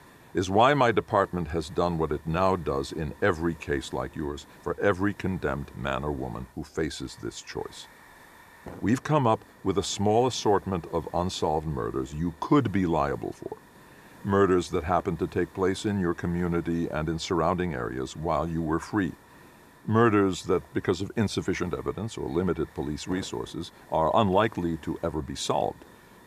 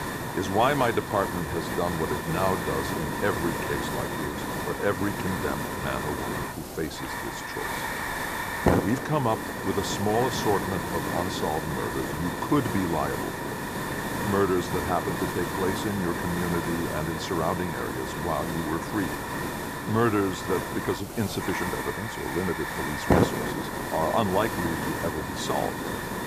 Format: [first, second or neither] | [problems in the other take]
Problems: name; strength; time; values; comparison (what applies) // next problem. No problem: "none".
first | hiss; loud; throughout; 1 dB below the speech; faint in the first